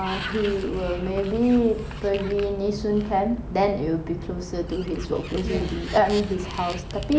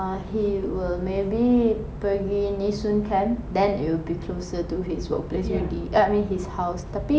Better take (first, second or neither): second